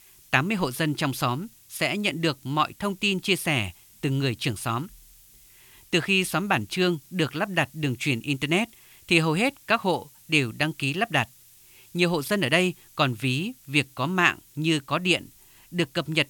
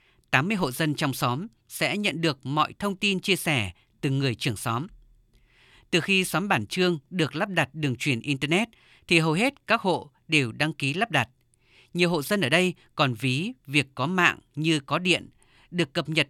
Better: second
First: hiss; faint; throughout; 25 dB below the speech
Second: none

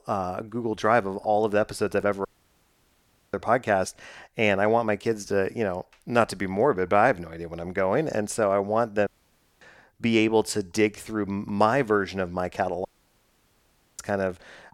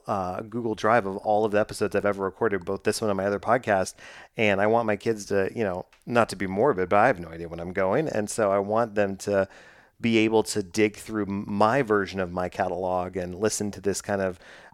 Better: second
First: audio cutting out; at 2.5 s for 1 s, at 9 s for 0.5 s and at 13 s for 1 s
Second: none

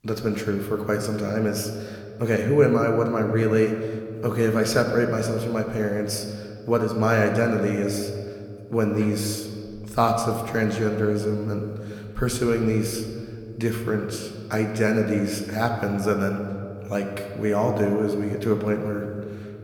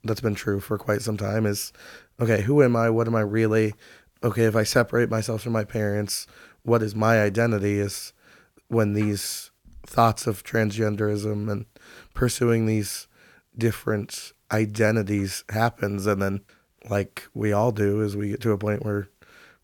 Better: second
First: room echo; slight; dies away in 1.9 s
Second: none

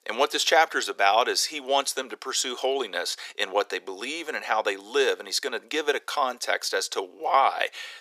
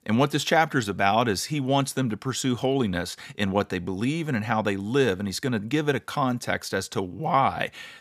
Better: second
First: thin; very; fading below 400 Hz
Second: none

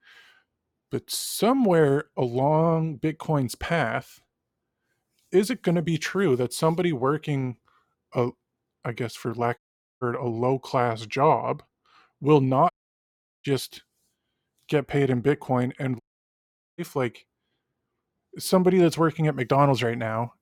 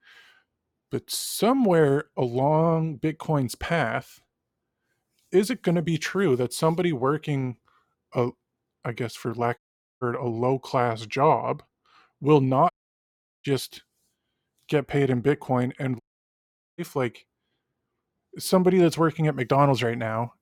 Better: neither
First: audio cutting out; at 9.5 s, at 13 s for 0.5 s and at 16 s for 1 s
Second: audio cutting out; at 9.5 s, at 13 s for 0.5 s and at 16 s for 1 s

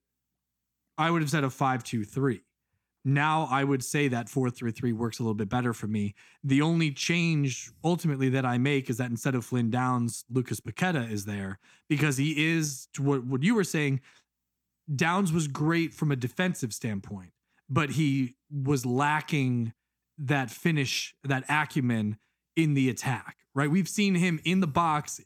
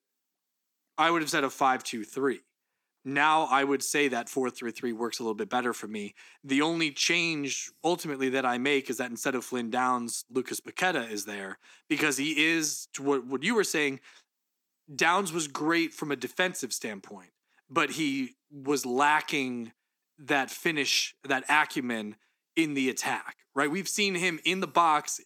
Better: first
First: none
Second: thin; somewhat; fading below 300 Hz

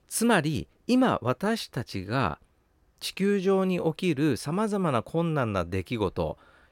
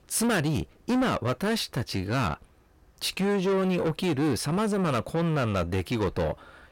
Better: first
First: none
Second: distortion; heavy; 8 dB below the speech

